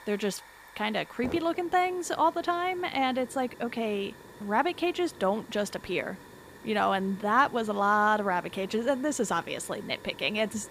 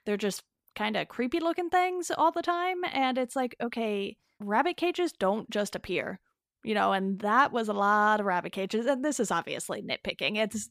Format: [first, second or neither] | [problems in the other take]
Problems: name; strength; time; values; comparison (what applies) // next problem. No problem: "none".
second | hiss; noticeable; throughout; 20 dB below the speech